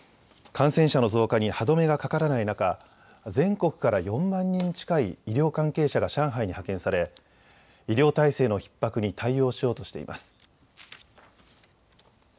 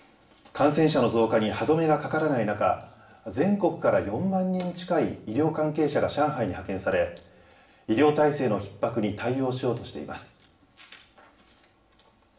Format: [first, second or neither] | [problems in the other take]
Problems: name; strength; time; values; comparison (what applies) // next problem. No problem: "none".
first | room echo; dies away in 0.7 s